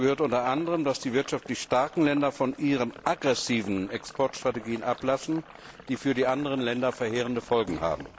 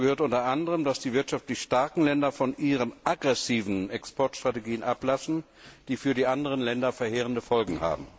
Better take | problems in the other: second | background sound (Sink (filling or washing)); 19 dB below the speech

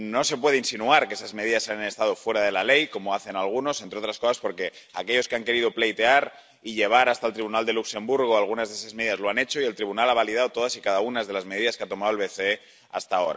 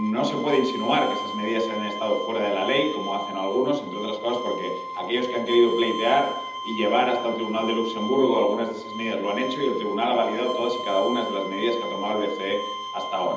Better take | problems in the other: first | background sound (Bowed string instrument); 8 dB below the speech // room echo; dies away in 0.8 s

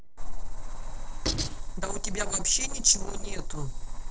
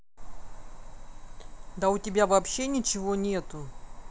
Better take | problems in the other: second | noise reduction (neural separator model SepFormer DNS4)

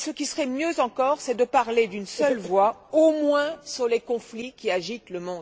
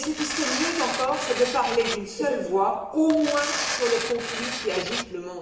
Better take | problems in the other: first | background sound (Tearing); 5 dB below the speech // room echo; dies away in 0.9 s

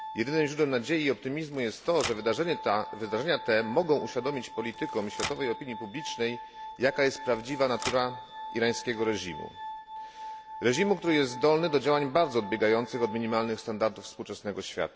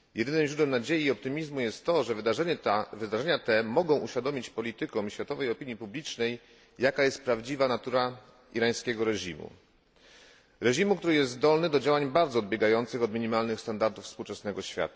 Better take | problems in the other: second | background sound (Glass + Typewriter); 13 dB below the speech

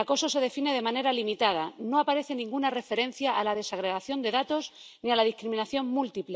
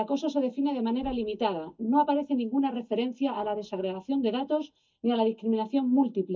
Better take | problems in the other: first | noise reduction (neural mask model DeepFilterNet 3)

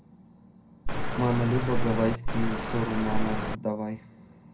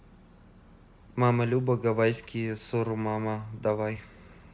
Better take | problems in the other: second | background sound (Cricket); 3 dB above the speech // room echo; dies away in 0.3 s

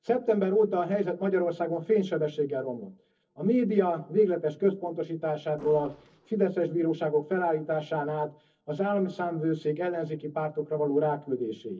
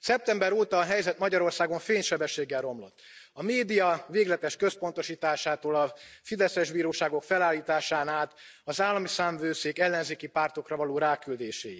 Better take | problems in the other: second | noise reduction (neural separator model SepFormer DNS4)

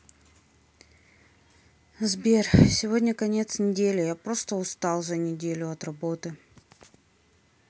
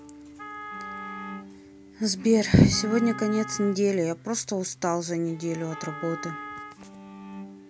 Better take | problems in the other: first | background sound (Wind instrument, woodwind instrument + Bowed string instrument); 13 dB below the speech

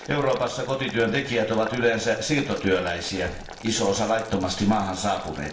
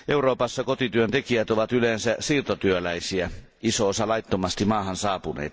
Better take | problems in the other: second | background sound (Boiling); 17 dB below the speech // room echo; dies away in 0.7 s

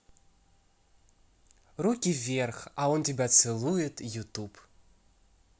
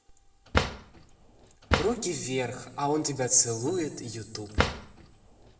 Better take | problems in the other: first | background sound (Drawer open or close); 1 dB below the speech // room echo; dies away in 2.1 s

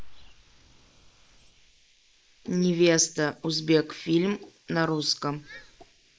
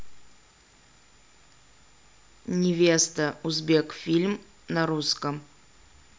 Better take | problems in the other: second | noise reduction (neural mask model Resemble Enhance denoiser)

